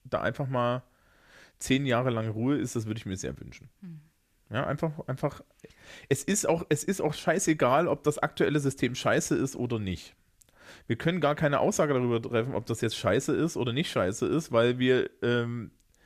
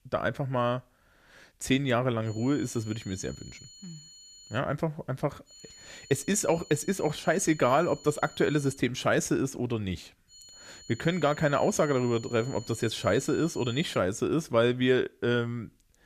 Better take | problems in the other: first | high-pitched whine; noticeable; from 2.5 to 4.5 s, from 5.5 to 9 s and from 10 to 14 s; 4.5 kHz, 20 dB below the speech

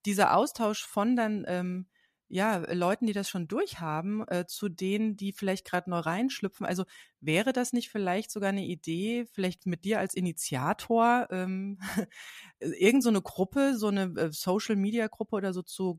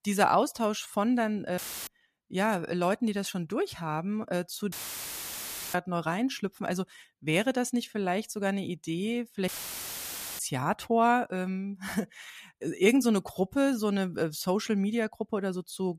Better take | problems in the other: first | audio cutting out; filled with static; at 1.5 s, at 4.5 s for 1 s and at 9.5 s for 1 s

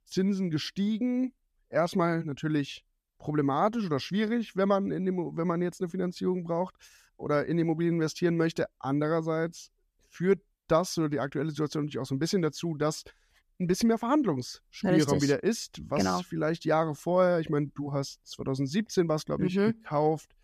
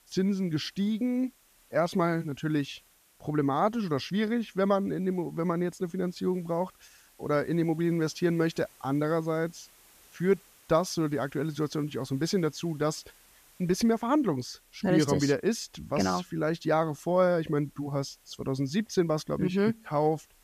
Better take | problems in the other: first | hiss; faint; throughout; 30 dB below the speech

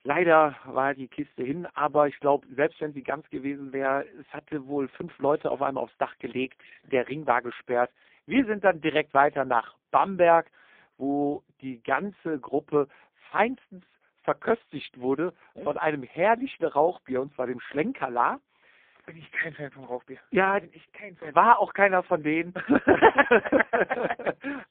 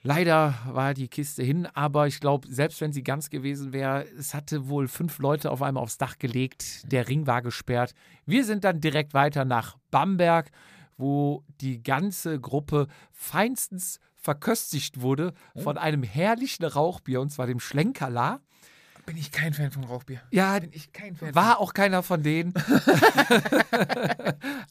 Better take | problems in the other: second | phone-call audio; poor line

